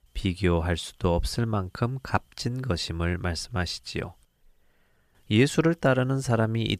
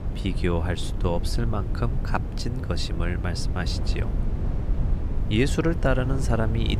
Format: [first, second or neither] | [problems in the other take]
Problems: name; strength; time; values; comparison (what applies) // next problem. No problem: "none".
first | wind noise on the microphone; occasional gusts; 10 dB below the speech